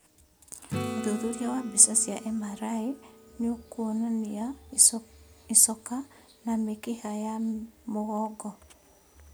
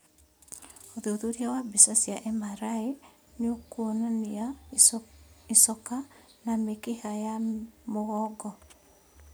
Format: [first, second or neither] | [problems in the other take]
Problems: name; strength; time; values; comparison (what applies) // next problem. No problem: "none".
second | background sound (Acoustic guitar / Strum); 14 dB below the speech